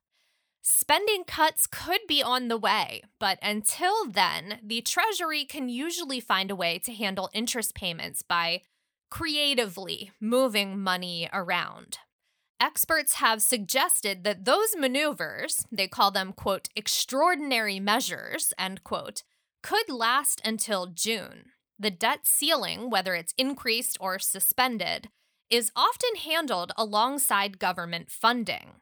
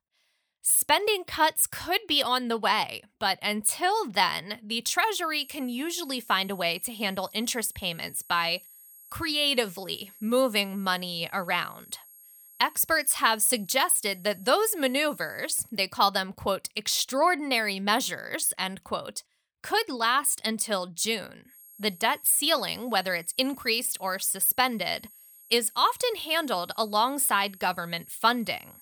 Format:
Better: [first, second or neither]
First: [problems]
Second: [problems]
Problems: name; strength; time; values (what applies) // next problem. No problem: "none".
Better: first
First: none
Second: high-pitched whine; faint; from 5.5 to 16 s and from 22 s on; 11.5 kHz, 25 dB below the speech